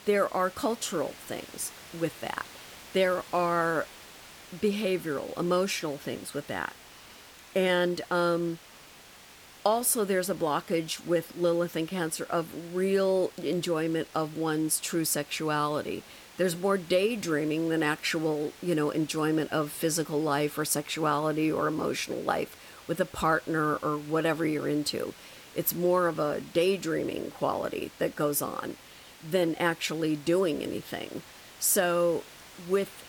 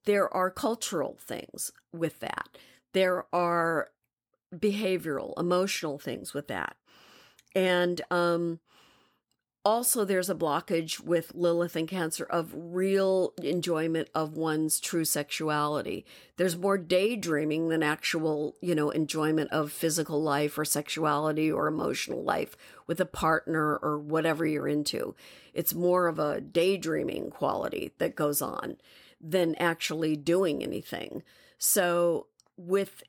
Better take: second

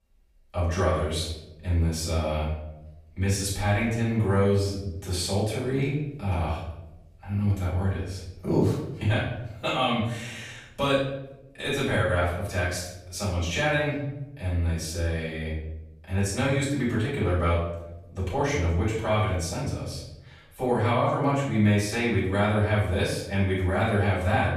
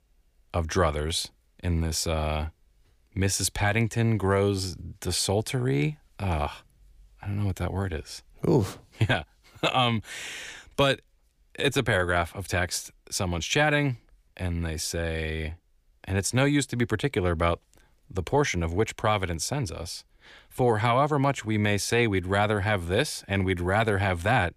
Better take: second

